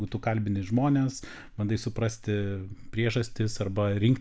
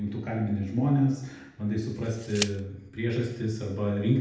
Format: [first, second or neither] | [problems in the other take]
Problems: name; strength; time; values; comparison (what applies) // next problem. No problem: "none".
first | background sound (Tick); 12 dB below the speech // room echo; dies away in 0.8 s